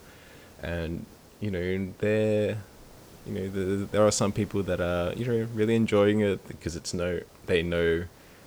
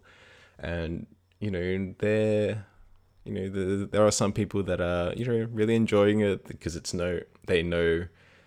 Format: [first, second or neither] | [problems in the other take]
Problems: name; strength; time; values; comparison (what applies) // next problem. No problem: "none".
second | hiss; faint; throughout; 25 dB below the speech